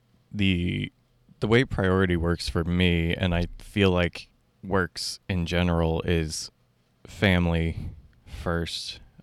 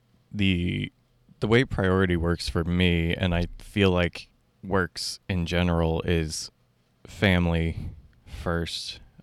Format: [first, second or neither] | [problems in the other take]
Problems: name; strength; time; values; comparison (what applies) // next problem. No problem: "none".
neither | none